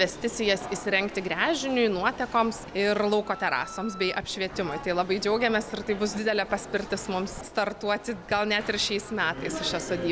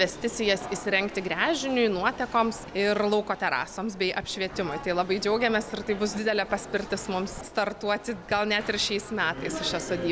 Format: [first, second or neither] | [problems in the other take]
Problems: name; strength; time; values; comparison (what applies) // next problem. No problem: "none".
second | background sound (Wind instrument, woodwind instrument); 16 dB below the speech